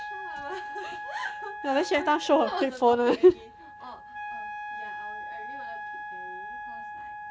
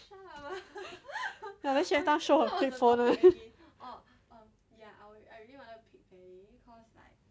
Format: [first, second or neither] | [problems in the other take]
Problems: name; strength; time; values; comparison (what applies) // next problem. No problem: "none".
second | background sound (Wind instrument, woodwind instrument); 10 dB below the speech